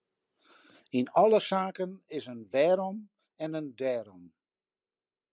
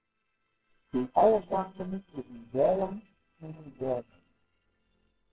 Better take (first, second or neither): first